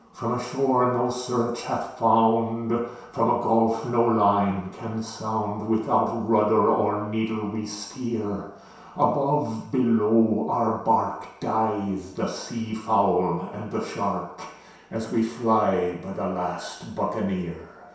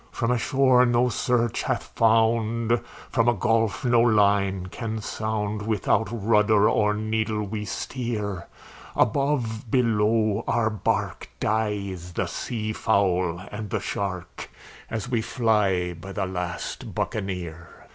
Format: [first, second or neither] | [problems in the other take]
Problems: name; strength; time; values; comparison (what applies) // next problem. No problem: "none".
second | room echo; dies away in 0.7 s